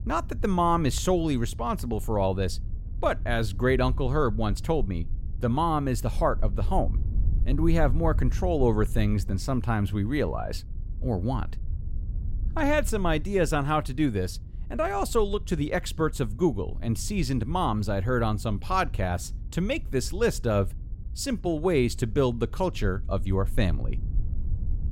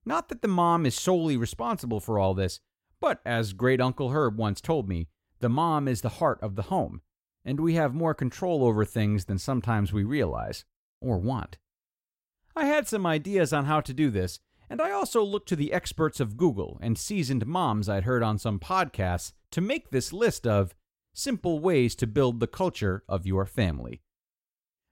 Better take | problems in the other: second | low rumble; faint; throughout; 25 dB below the speech

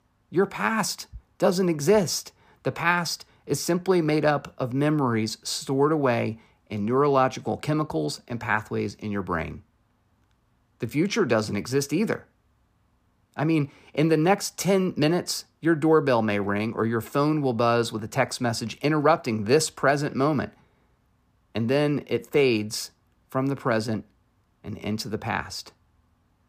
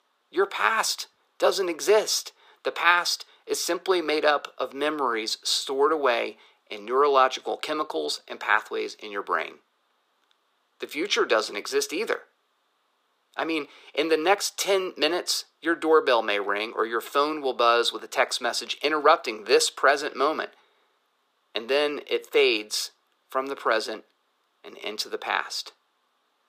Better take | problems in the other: first | thin; very; fading below 400 Hz

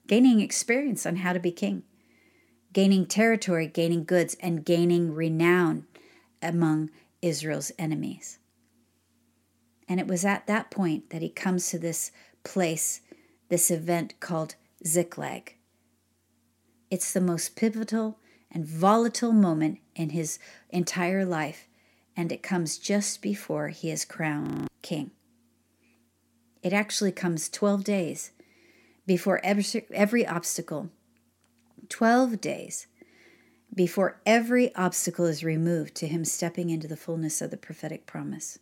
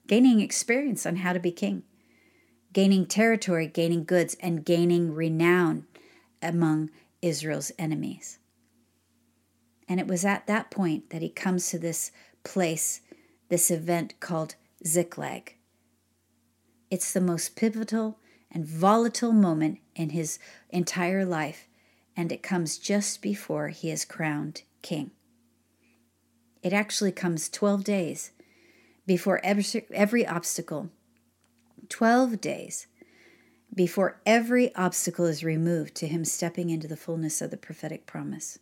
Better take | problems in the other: second | audio freezing; at 24 s

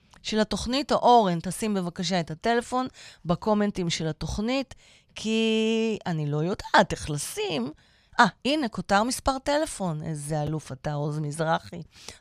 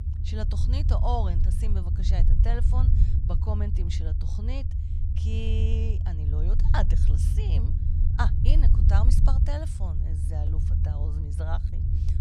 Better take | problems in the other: first | low rumble; loud; throughout; 4 dB below the speech

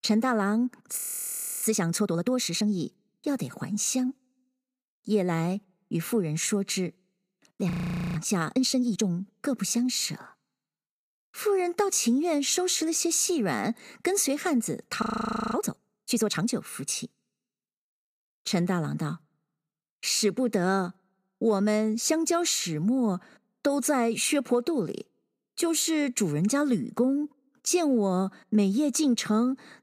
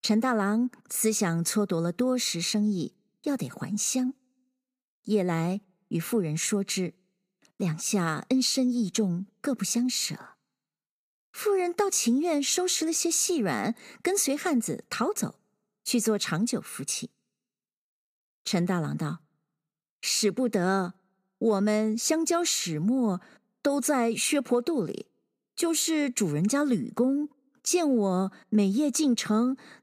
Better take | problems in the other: second | audio freezing; at 1 s for 0.5 s, at 7.5 s and at 15 s for 0.5 s

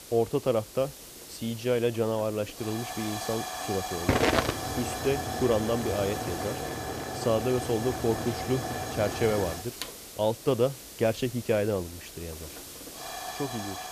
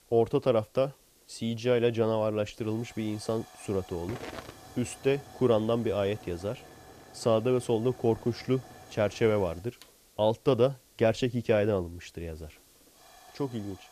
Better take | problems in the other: second | hiss; loud; throughout; 4 dB below the speech; faint in the second

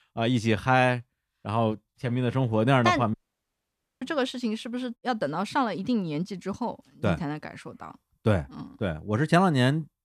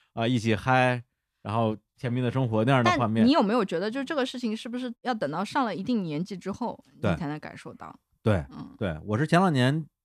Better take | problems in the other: second | audio cutting out; at 3 s for 1 s

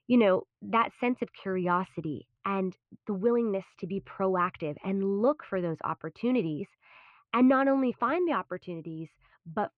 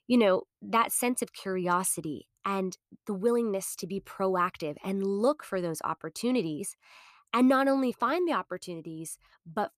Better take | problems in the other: second | muffled; very; fading above 2.5 kHz

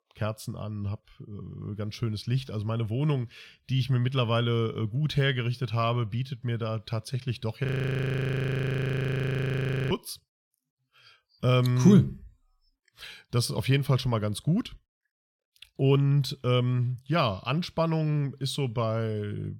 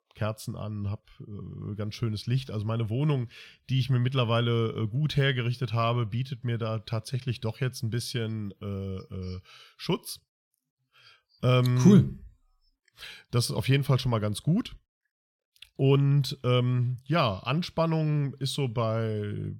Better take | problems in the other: second | audio freezing; at 7.5 s for 2.5 s

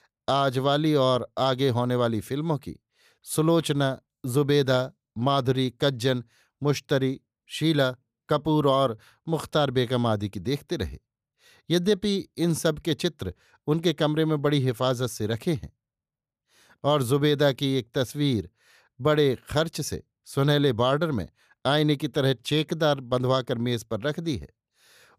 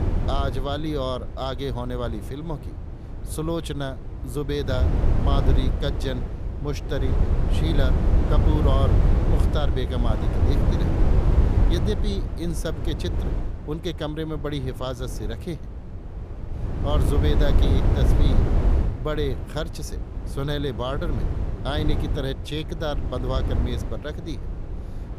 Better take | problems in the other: first | wind noise on the microphone; heavy; 4 dB below the speech

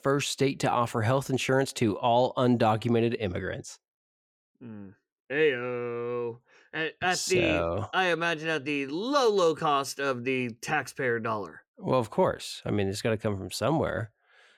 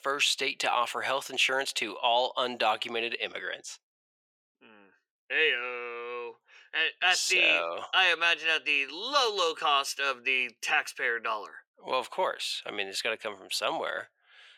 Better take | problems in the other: first | thin; very; fading below 650 Hz

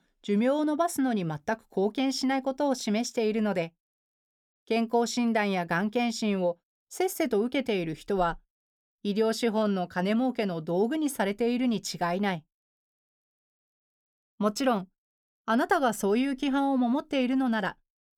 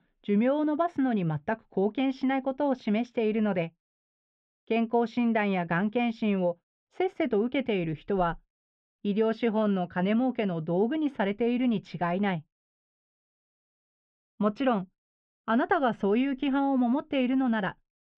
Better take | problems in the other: first | muffled; very; fading above 3 kHz

